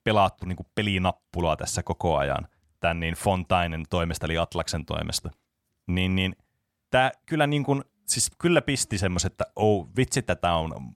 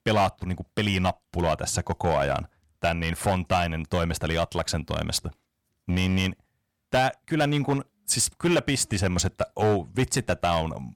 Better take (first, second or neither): first